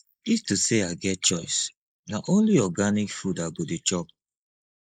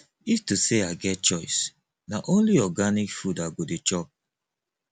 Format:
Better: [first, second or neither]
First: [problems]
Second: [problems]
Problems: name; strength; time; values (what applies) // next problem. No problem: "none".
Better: second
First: noise reduction (neural mask model Resemble Enhance denoiser)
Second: none